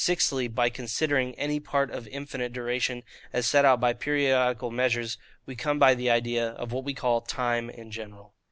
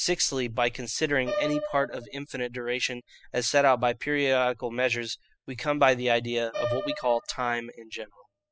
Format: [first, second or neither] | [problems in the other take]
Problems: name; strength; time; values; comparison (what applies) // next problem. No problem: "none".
first | noise reduction (classical method spectral subtraction)